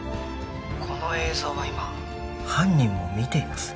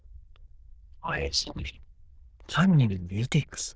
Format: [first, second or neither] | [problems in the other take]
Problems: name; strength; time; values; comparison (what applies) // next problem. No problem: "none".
first | noise reduction (neural diffusion model UNIVERSE++)